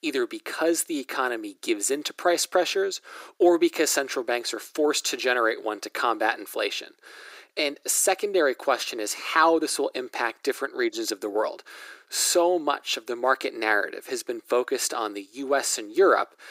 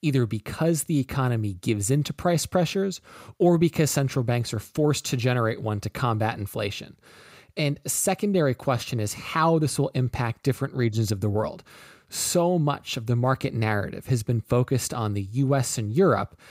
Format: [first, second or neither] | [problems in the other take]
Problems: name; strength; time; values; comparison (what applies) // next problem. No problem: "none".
second | thin; very; fading below 350 Hz